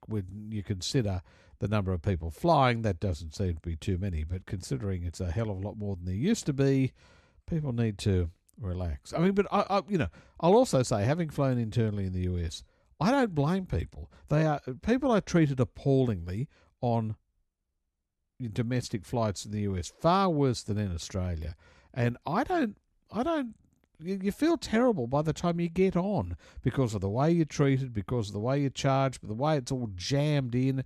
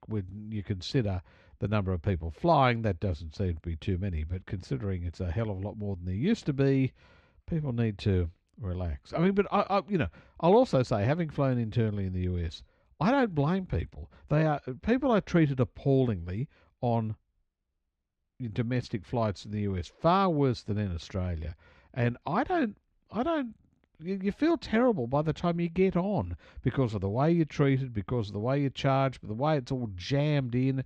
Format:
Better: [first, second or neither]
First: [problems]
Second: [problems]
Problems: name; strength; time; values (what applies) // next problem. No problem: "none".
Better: first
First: none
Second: muffled; very slightly; fading above 3 kHz